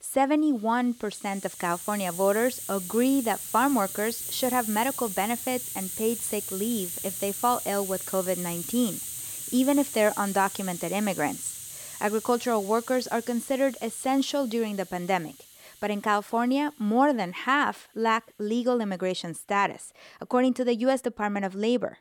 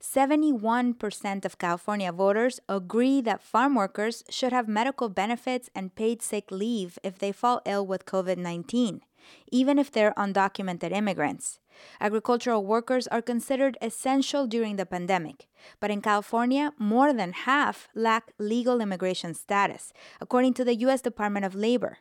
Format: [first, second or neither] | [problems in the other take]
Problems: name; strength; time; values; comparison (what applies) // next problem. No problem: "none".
second | hiss; loud; throughout; 7 dB below the speech